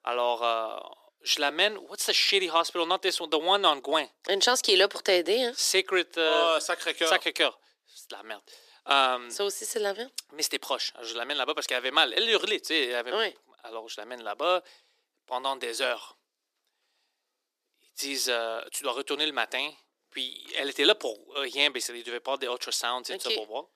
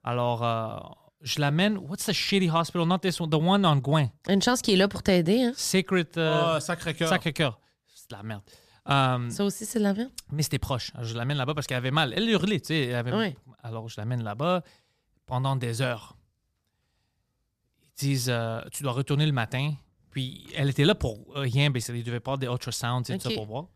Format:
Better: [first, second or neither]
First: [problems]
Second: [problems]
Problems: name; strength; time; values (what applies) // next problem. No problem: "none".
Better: second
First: thin; very; fading below 350 Hz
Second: none